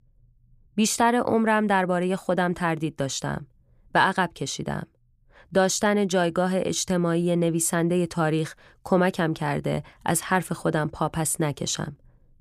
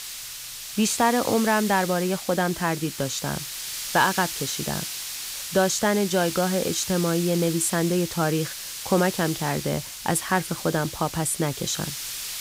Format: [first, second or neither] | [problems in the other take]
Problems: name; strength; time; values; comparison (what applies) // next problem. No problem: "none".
first | hiss; loud; throughout; 7 dB below the speech